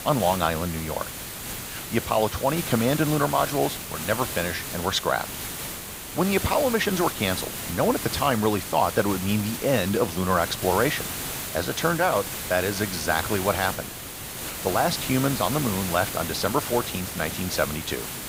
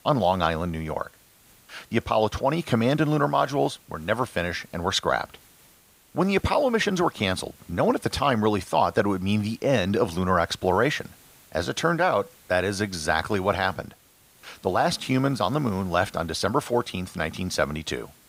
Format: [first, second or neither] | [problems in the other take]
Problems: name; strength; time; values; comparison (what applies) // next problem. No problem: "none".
second | hiss; loud; throughout; 6 dB below the speech; faint in the second